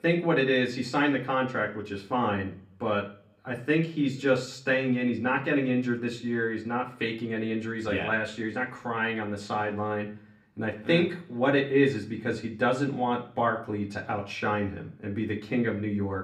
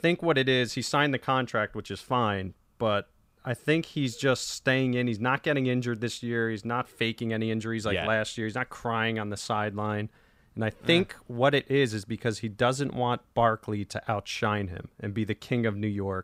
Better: second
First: room echo; slight; dies away in 0.4 s // off-mic speech; far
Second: none

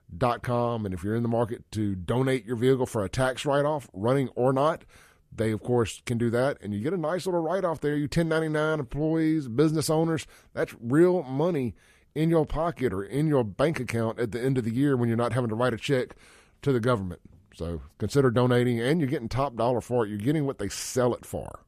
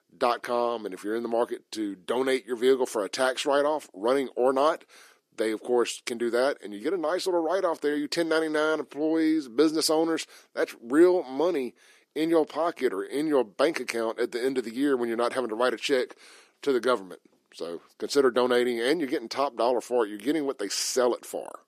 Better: first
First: none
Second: thin; somewhat; fading below 300 Hz

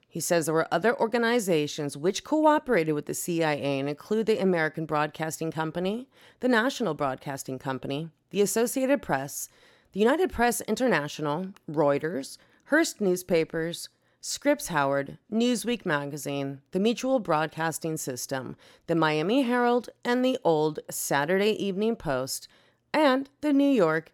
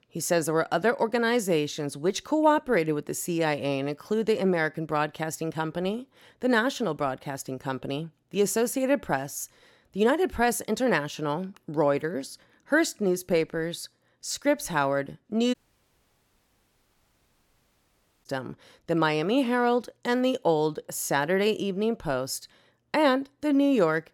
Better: first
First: none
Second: audio cutting out; at 16 s for 2.5 s

